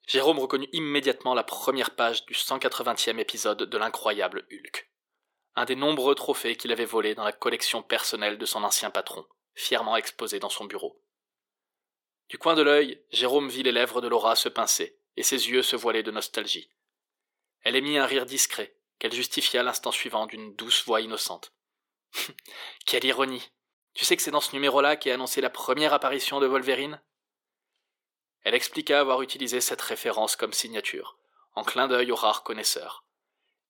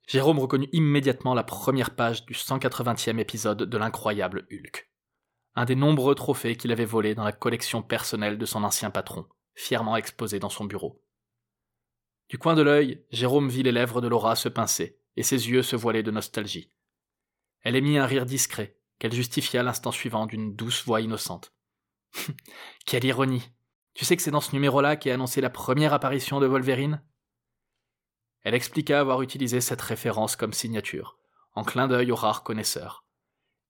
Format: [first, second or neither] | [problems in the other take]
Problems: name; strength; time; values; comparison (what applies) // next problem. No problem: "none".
second | thin; somewhat; fading below 350 Hz